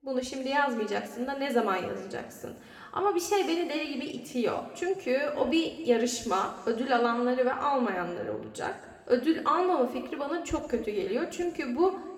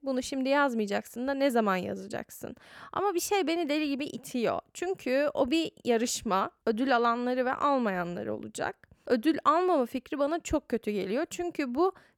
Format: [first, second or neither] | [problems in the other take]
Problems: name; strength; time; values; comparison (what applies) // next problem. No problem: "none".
second | room echo; slight; dies away in 1.8 s